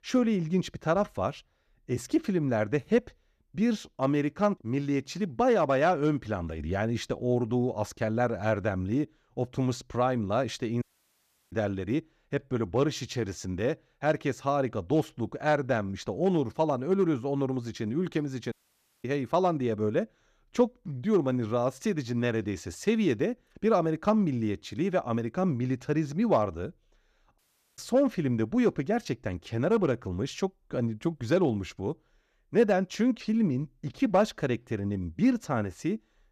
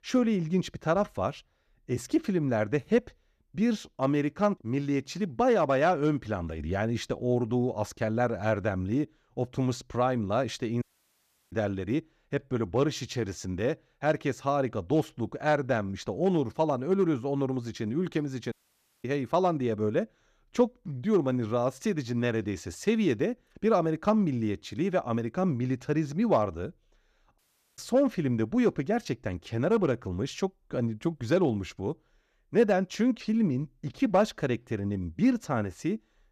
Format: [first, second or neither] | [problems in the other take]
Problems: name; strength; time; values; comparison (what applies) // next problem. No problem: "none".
neither | audio cutting out; at 11 s for 0.5 s, at 19 s for 0.5 s and at 27 s; the same in both